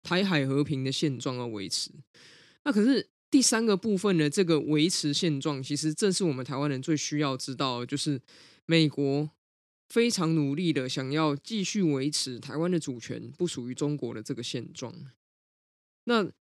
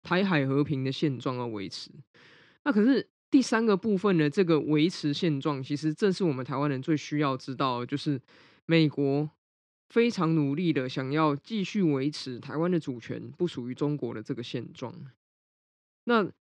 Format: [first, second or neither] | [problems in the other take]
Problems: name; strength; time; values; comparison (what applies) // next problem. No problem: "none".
first | muffled; slightly; fading above 3 kHz